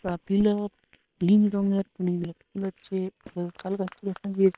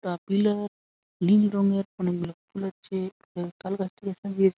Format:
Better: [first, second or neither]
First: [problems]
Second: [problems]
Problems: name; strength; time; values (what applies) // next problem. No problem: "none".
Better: second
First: noise reduction (neural separator model SepFormer WHAM!)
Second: none